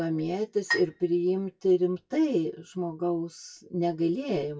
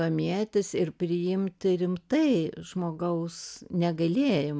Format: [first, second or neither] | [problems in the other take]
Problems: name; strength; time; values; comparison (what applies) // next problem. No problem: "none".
second | noise reduction (classical method WPE with log-MMSE)